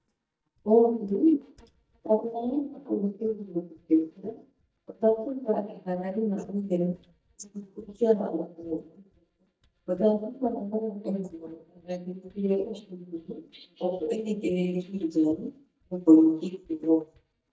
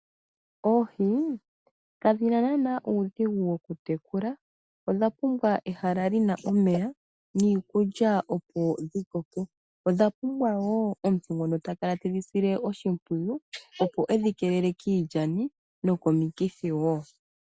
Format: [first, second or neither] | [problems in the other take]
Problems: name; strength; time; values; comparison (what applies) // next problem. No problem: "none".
second | noise reduction (neural mask model DeepFilterNet 3)